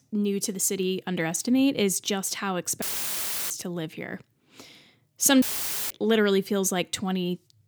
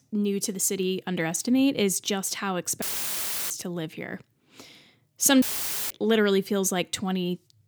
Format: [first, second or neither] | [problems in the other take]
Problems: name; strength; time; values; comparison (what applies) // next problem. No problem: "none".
neither | audio cutting out; filled with static; at 3 s for 0.5 s and at 5.5 s; the same in both